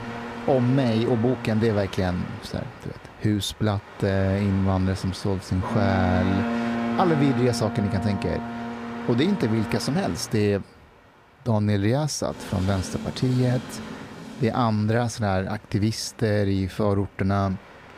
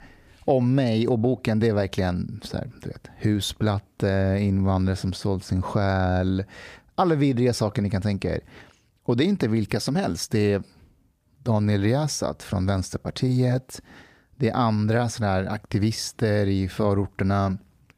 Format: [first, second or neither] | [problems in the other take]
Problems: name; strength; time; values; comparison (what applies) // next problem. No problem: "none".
second | train or aircraft noise; loud; throughout; 8 dB below the speech